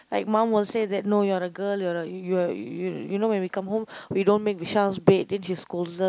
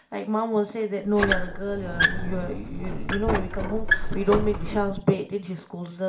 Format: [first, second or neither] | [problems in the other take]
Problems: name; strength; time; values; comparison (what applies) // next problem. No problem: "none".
first | background sound (Squeak); 1 dB above the speech // room echo; dies away in 0.4 s